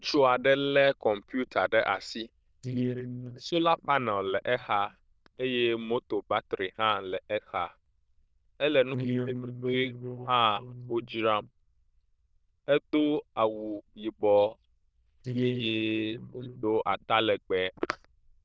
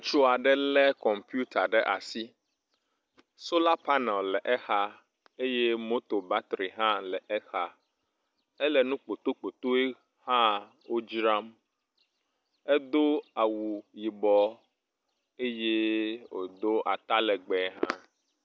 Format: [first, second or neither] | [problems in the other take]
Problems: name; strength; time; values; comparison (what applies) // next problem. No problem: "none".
second | noise reduction (neural diffusion model UNIVERSE++)